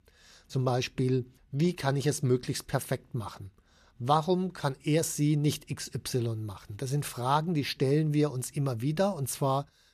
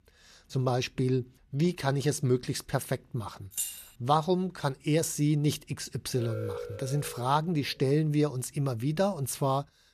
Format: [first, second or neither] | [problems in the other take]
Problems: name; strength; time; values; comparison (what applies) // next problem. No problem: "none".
first | jangling keys; noticeable; at 3.5 s; peak 4 dB below the speech // alarm; noticeable; from 6 to 7.5 s; peak 8 dB below the speech